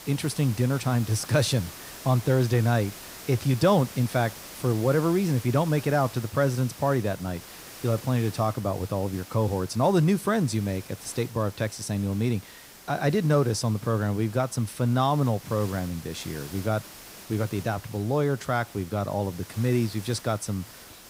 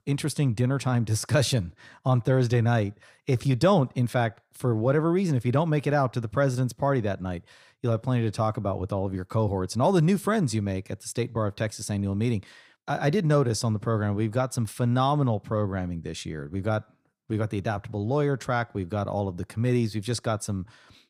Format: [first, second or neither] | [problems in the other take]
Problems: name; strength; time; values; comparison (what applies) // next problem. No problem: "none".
second | hiss; noticeable; throughout; 15 dB below the speech